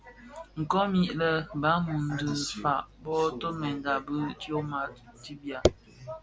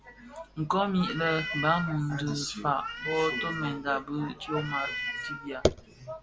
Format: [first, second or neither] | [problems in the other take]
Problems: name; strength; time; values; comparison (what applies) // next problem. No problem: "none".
first | background sound (Meow); 7 dB below the speech // room echo; dies away in 0.3 s